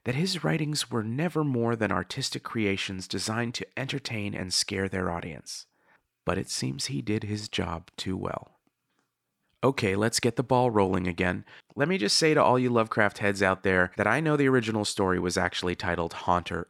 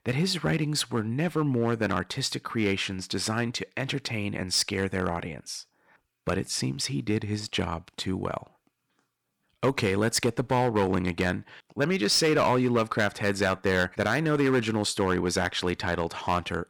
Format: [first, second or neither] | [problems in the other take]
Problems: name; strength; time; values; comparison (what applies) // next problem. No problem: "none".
first | distortion; slight; 4% of the sound clipped